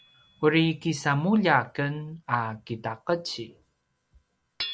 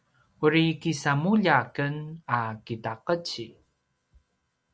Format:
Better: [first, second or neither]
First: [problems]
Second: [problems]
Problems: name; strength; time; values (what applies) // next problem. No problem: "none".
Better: second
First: background sound (Hammer / Chink, clink); 18 dB below the speech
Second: none